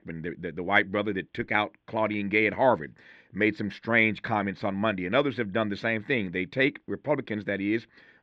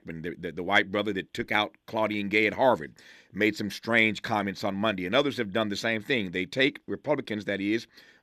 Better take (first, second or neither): second